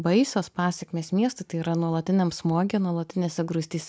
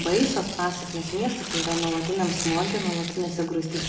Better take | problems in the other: first | background sound (Tearing); 7 dB below the speech // room echo; dies away in 0.9 s

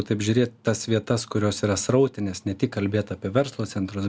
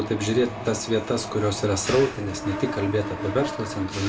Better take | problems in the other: first | background sound (Mechanisms); 8 dB below the speech // room echo; dies away in 1.9 s

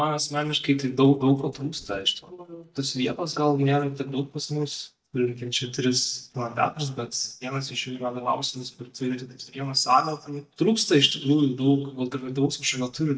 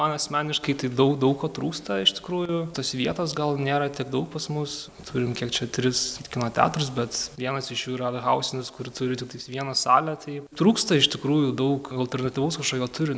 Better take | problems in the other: second | noise reduction (neural mask model DeepFilterNet 3)

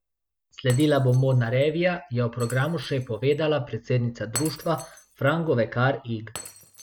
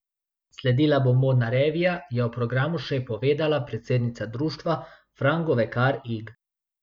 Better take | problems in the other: second | background sound (Shatter); 19 dB below the speech

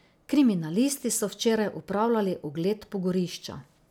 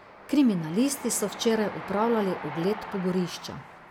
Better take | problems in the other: first | background sound (Train); 13 dB below the speech

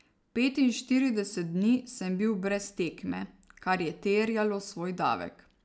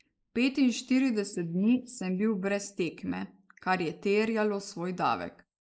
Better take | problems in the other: first | noise reduction (neural mask model Resemble Enhance denoiser)

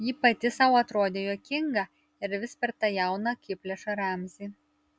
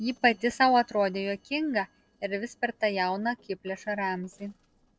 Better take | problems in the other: first | noise reduction (neural separator model SepFormer DNS4)

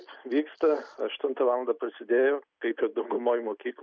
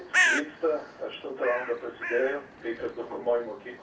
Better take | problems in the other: first | background sound (Bird); 1 dB below the speech // room echo; dies away in 0.3 s

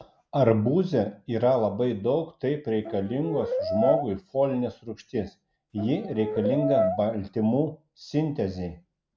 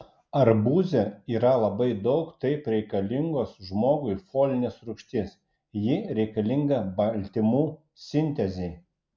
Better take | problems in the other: second | background sound (Brass instrument); 2 dB below the speech

